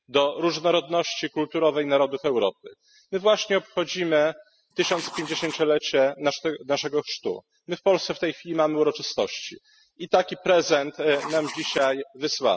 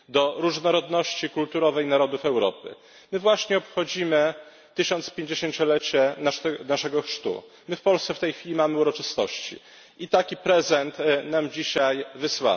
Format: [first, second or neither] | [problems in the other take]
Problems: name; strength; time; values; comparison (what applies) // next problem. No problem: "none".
second | noise reduction (classical method spectral subtraction)